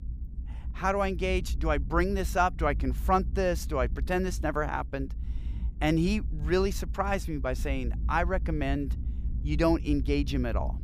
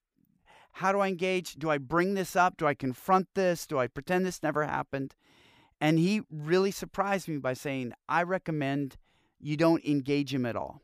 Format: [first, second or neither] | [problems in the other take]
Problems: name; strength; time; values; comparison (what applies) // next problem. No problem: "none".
second | low rumble; faint; throughout; 20 dB below the speech